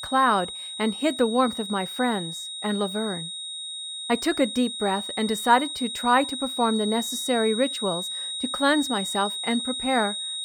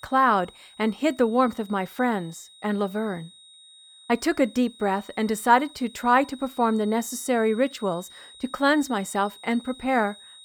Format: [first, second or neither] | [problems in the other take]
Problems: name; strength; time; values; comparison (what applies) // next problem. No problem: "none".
second | high-pitched whine; loud; throughout; 4 kHz, 5 dB below the speech; faint in the second